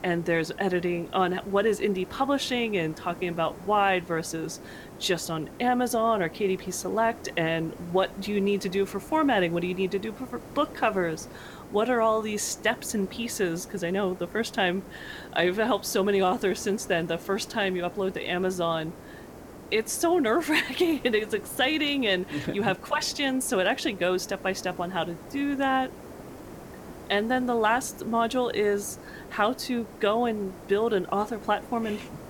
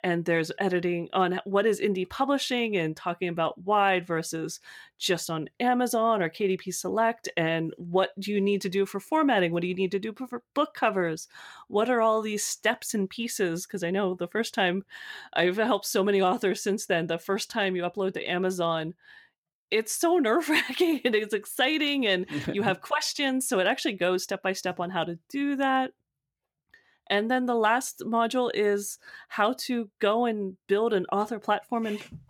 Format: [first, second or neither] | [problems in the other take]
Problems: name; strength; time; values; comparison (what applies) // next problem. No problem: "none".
second | hiss; noticeable; throughout; 15 dB below the speech